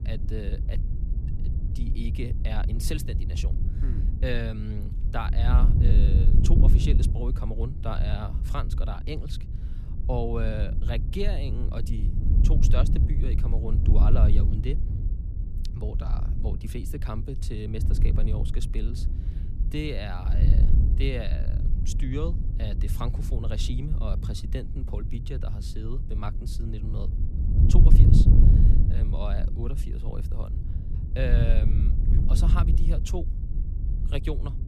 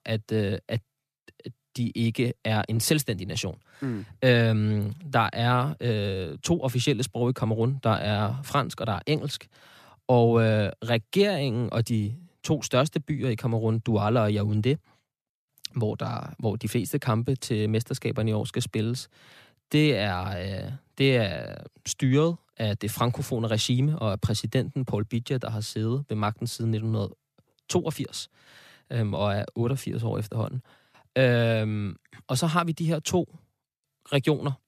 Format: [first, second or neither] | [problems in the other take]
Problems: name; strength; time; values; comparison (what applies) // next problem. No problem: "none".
second | wind noise on the microphone; heavy; 4 dB below the speech